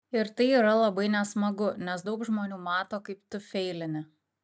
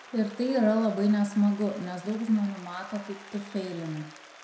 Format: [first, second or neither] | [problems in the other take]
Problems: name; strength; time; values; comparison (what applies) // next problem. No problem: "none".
first | background sound (Applause); 20 dB below the speech // room echo; dies away in 0.6 s